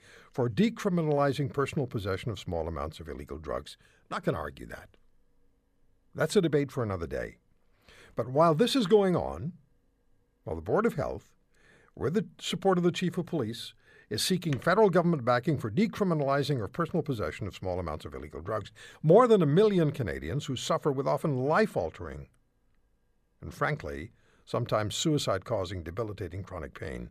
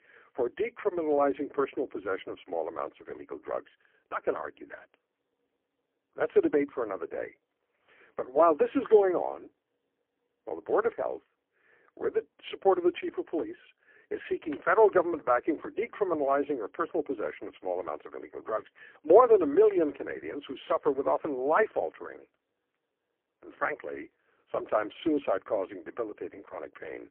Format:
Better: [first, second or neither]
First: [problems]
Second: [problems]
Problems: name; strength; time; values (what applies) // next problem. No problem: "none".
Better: first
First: none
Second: phone-call audio; poor line; nothing above 3 kHz